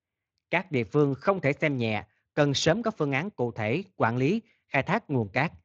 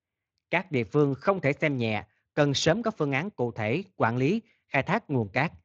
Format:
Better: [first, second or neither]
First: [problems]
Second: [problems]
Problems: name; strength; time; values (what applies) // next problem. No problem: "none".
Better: neither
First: garbled, watery; slightly; nothing above 7 kHz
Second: garbled, watery; slightly; nothing above 7 kHz